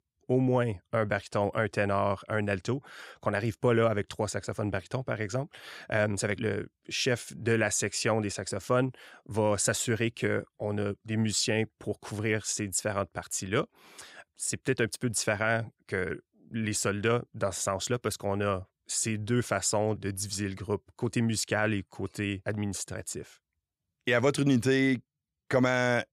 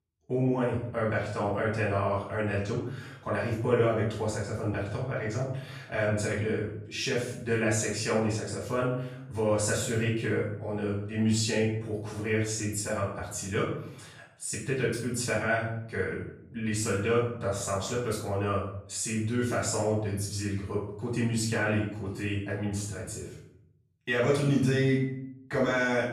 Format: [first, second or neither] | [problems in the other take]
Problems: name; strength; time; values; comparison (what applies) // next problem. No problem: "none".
first | off-mic speech; far // room echo; noticeable; dies away in 0.6 s